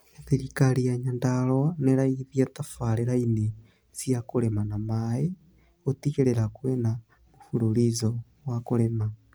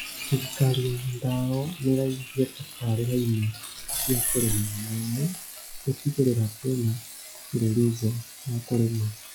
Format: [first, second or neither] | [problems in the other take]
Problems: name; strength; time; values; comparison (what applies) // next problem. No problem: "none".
first | noise reduction (classical method log-MMSE)